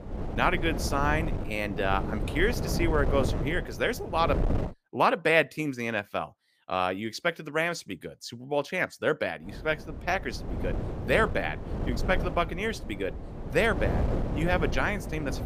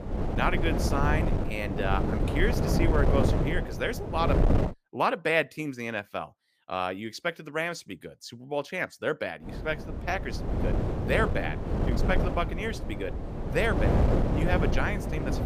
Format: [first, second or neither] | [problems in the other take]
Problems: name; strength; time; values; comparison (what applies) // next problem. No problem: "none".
first | wind noise on the microphone; heavy; until 4.5 s and from 9.5 s on; 4 dB below the speech; occasional gusts in the first